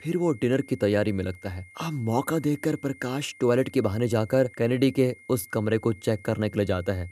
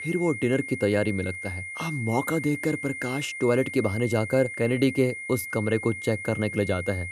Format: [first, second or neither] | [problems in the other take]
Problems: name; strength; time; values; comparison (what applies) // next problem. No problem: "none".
first | high-pitched whine; loud; throughout; 2 kHz, 8 dB below the speech; faint in the first